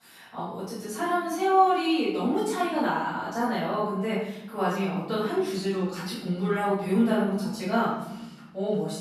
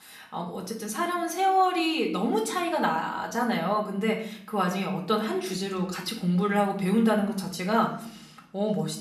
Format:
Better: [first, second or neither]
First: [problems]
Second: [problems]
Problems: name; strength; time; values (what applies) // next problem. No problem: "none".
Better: second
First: room echo; strong; dies away in 1.3 s // off-mic speech; far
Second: room echo; slight; dies away in 0.6 s // off-mic speech; far